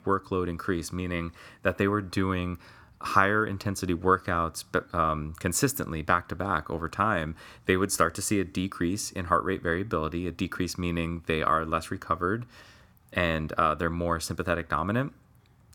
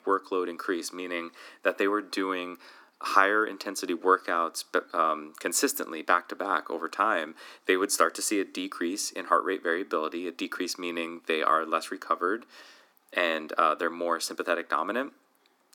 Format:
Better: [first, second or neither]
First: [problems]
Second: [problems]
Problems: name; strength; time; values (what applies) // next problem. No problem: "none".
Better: first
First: none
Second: thin; somewhat; fading below 300 Hz